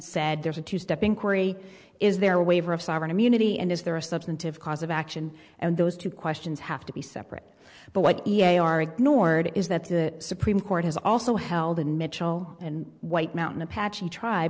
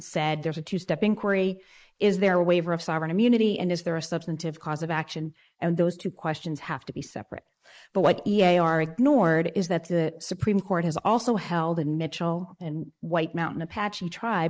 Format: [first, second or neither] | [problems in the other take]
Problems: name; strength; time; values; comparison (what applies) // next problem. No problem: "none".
first | noise reduction (neural mask model Resemble Enhance denoiser)